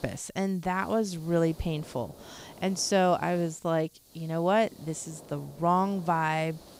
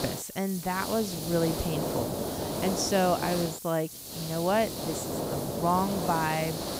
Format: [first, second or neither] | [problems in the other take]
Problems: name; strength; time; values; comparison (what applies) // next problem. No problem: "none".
first | hiss; loud; throughout; 4 dB below the speech; faint in the first